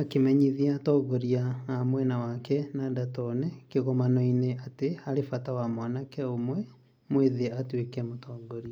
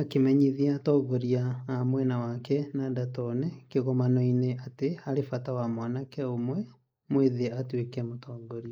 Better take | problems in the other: first | noise reduction (neural mask model Resemble Enhance denoiser)

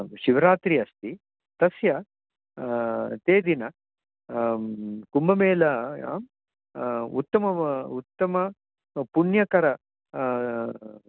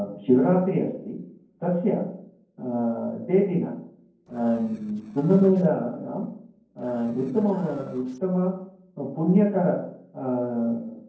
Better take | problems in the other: first | noise reduction (neural separator model SepFormer DNS4)

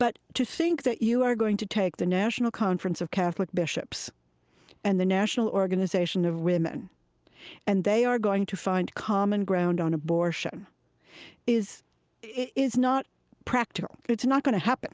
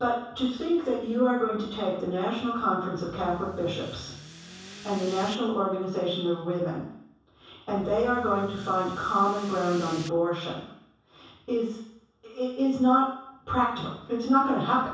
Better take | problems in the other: first | background sound (Accelerating, revving, vroom / Car); 16 dB below the speech // room echo; dies away in 0.7 s

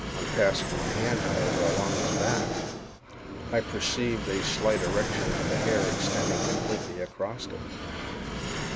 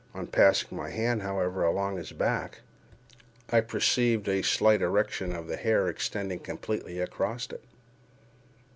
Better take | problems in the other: second | background sound (Fixed-wing aircraft, airplane); 1 dB above the speech

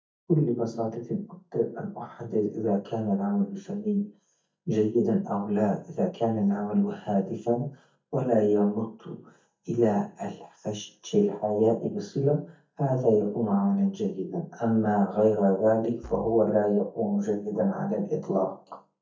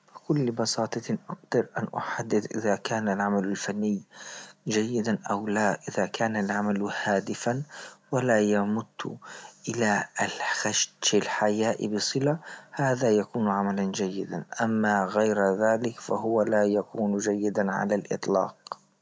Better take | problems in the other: second | noise reduction (neural mask model DeepFilterNet 3)

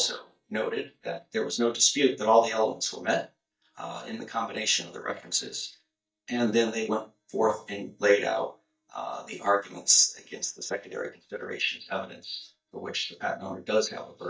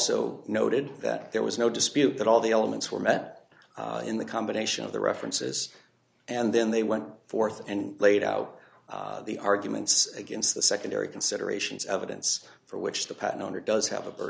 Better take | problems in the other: second | noise reduction (neural mask model DeepFilterNet 3)

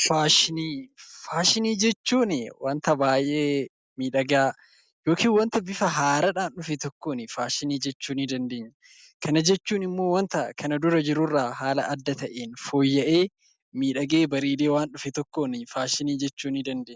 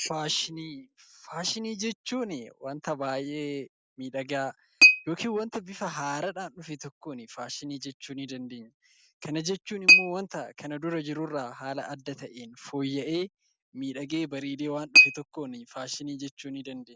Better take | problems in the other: first | background sound (Chink, clink); 4 dB above the speech

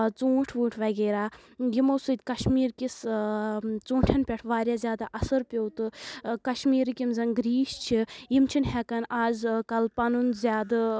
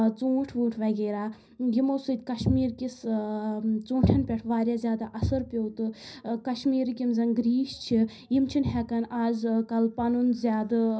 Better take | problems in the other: first | room echo; dies away in 0.5 s

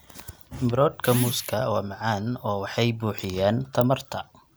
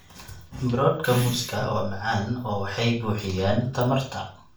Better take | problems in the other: first | room echo; dies away in 0.4 s

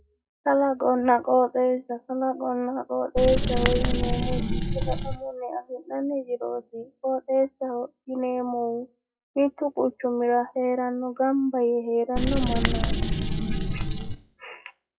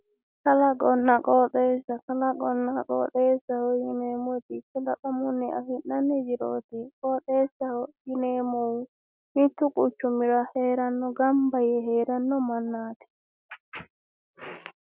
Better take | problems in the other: second | noise reduction (classical method WPE with log-MMSE)

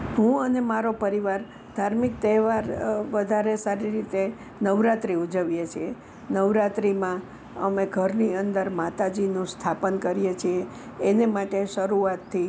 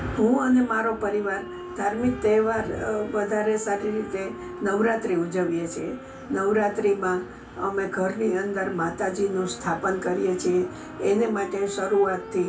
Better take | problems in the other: first | background sound (Wind instrument, woodwind instrument); 16 dB below the speech // room echo; dies away in 0.1 s

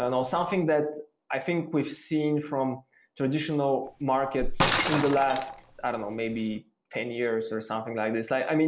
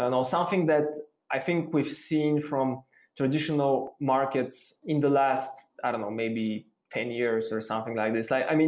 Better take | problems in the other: second | background sound (Shatter); 8 dB below the speech

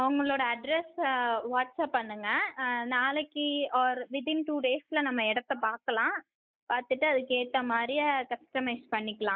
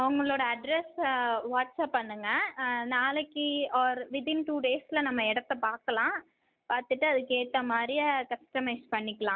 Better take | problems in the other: second | noise reduction (neural mask model Resemble Enhance denoiser)

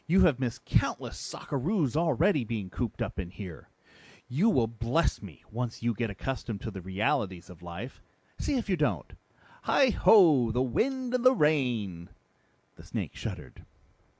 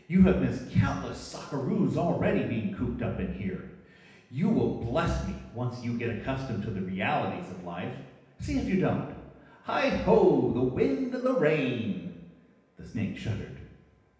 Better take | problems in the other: first | room echo; dies away in 0.9 s

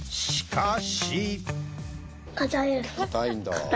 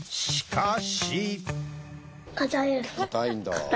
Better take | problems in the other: second | background sound (Bass guitar); 12 dB below the speech

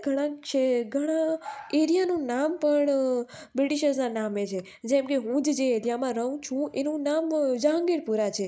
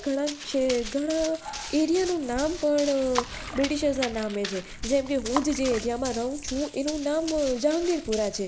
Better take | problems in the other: first | background sound (Run + Water / Splash, splatter); 10 dB below the speech

